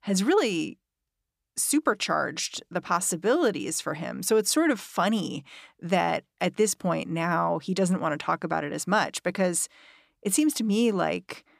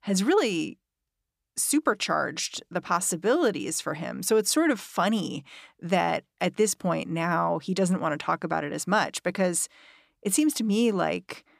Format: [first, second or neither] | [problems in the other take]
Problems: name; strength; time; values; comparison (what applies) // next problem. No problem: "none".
neither | none